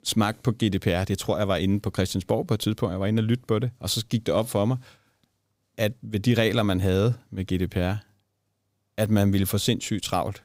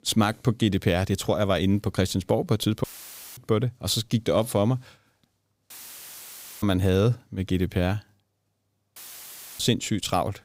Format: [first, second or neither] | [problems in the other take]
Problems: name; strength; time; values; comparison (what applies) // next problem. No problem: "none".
first | audio cutting out; filled with static; at 3 s for 0.5 s, at 5.5 s for 1 s and at 9 s for 0.5 s